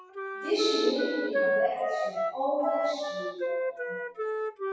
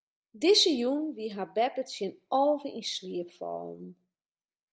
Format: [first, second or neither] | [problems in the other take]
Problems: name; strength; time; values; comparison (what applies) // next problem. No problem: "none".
second | noise reduction (classical method WPE with log-MMSE)